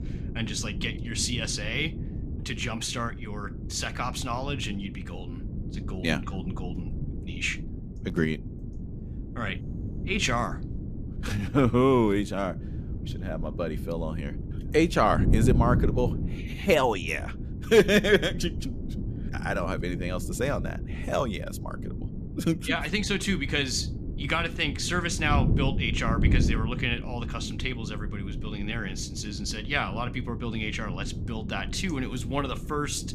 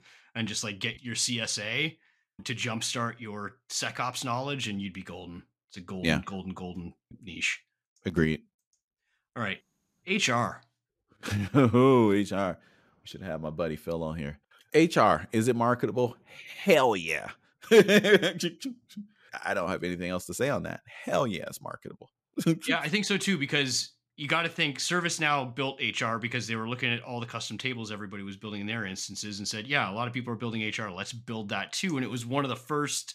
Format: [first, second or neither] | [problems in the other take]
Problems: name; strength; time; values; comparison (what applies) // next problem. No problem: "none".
second | wind noise on the microphone; occasional gusts; 15 dB below the speech